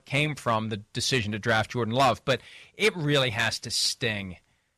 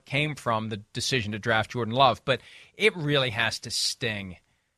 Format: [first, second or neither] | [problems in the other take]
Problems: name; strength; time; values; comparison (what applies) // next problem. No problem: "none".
second | distortion; slight; 2% of the sound clipped